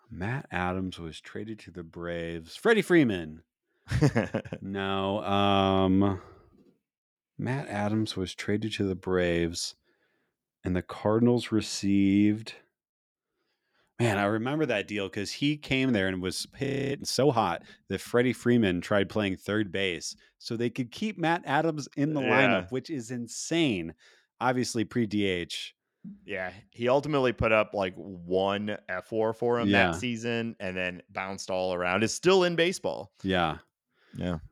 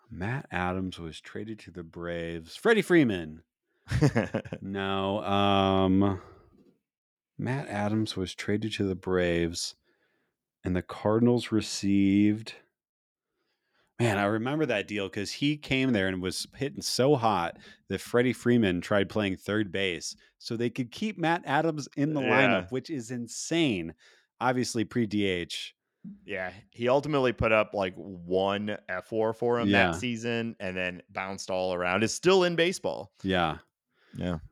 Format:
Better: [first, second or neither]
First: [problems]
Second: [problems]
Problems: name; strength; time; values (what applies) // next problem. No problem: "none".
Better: second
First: audio freezing; at 17 s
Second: none